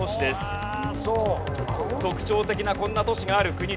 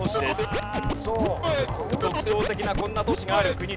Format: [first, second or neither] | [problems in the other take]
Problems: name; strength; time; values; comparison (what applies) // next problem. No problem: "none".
first | background sound (Scratching (performance technique)); 1 dB below the speech